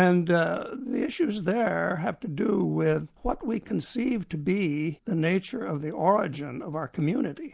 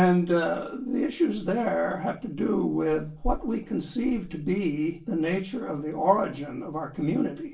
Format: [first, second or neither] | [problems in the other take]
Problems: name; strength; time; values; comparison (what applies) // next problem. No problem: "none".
first | room echo; dies away in 0.3 s